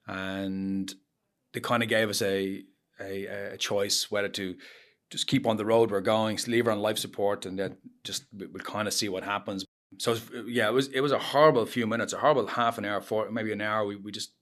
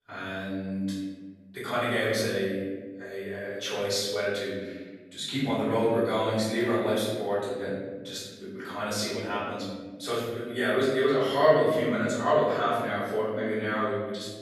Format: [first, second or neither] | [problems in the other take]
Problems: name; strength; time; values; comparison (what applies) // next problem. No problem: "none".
first | off-mic speech; far // room echo; strong; dies away in 1.4 s